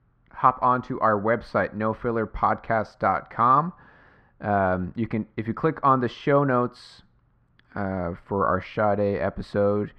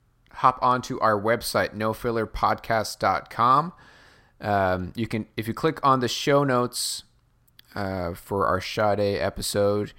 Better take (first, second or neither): second